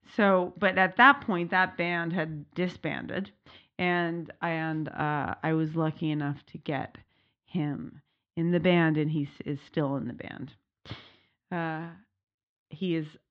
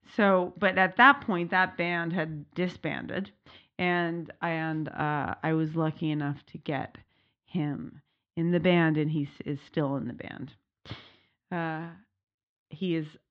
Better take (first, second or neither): neither